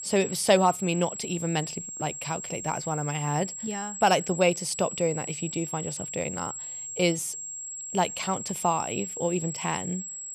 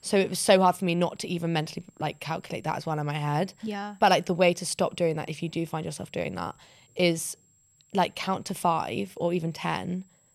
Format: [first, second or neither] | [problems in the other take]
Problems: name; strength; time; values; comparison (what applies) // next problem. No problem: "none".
second | high-pitched whine; loud; throughout; 7.5 kHz, 6 dB below the speech; faint in the second